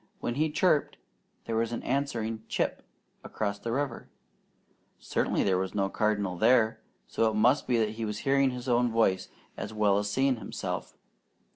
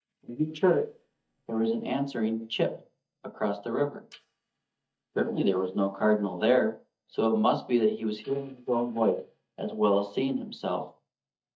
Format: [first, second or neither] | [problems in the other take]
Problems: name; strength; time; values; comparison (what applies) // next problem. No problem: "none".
first | noise reduction (neural mask model DeepFilterNet 3)